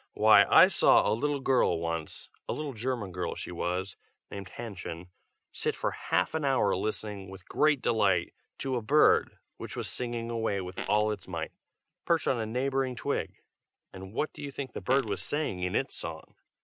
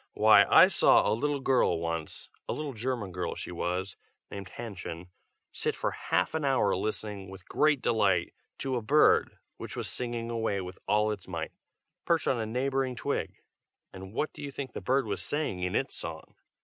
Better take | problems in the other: second | background sound (Fart); 13 dB below the speech

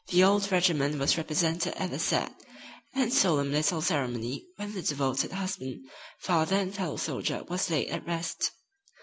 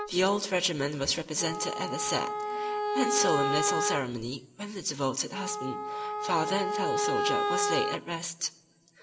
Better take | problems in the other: first | background sound (Wind instrument, woodwind instrument); 1 dB below the speech // room echo; dies away in 1 s

